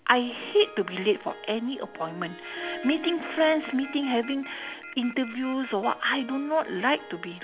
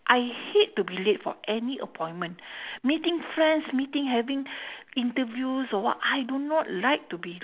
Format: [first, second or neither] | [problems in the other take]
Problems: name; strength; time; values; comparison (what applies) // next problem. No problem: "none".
second | background sound (Telephone + Harp); 14 dB below the speech